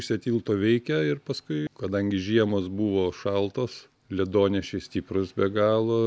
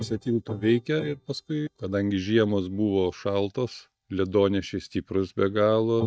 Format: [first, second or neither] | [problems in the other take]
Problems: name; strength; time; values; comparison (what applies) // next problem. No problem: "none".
first | noise reduction (neural mask model DeepFilterNet 3)